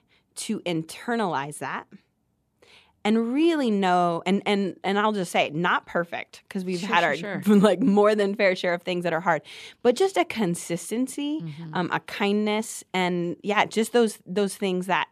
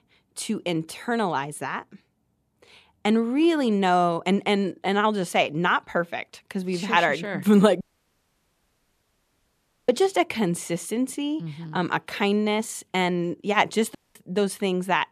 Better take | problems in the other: first | audio cutting out; at 8 s for 2 s and at 14 s

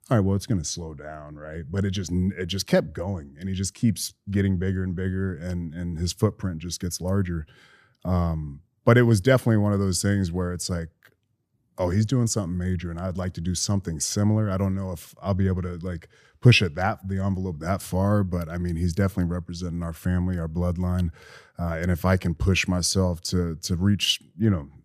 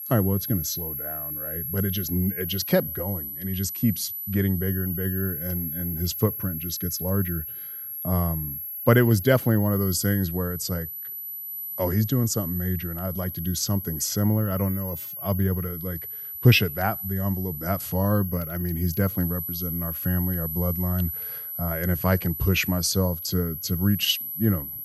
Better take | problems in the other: first | high-pitched whine; loud; throughout; 12 kHz, 5 dB below the speech

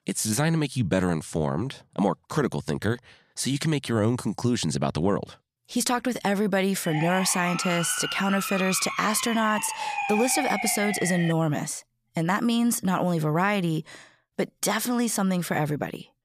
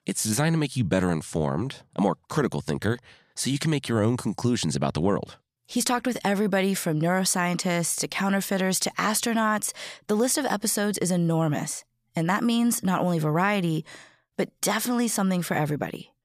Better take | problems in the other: second | siren; noticeable; from 7 to 11 s; peak 2 dB below the speech

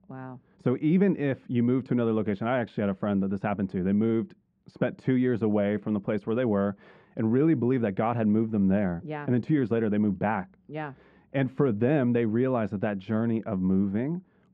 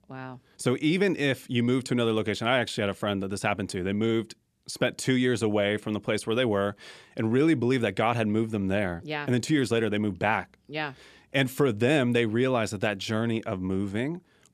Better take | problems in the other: second | muffled; very; fading above 1.5 kHz

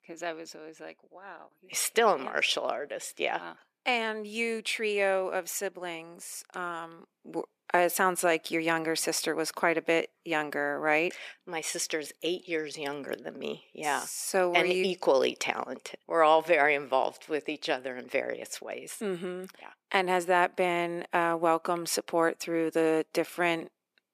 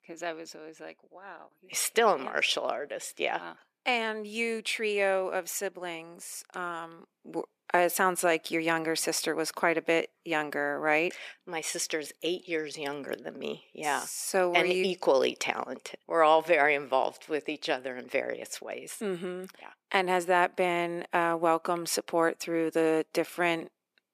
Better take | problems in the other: neither | thin; very; fading below 350 Hz; the same in both

